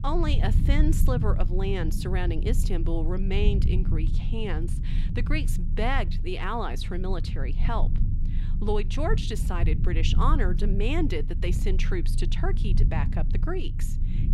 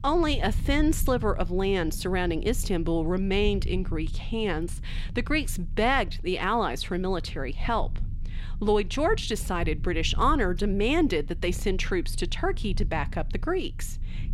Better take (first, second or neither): second